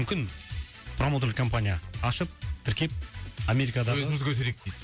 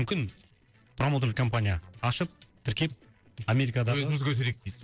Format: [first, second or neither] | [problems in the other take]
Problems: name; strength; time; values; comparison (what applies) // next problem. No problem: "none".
first | noise reduction (neural separator model SepFormer DNS4)